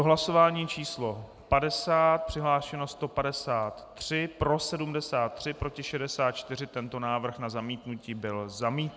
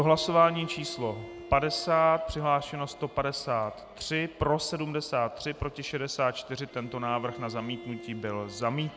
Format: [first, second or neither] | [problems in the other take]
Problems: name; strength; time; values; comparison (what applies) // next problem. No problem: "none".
first | background sound (Bowed string instrument); 18 dB below the speech